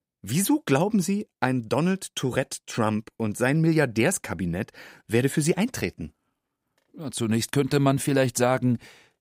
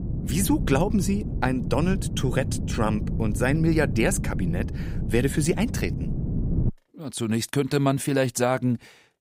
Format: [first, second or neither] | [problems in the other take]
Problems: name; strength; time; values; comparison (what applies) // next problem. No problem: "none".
first | wind noise on the microphone; occasional gusts; until 6.5 s; 10 dB below the speech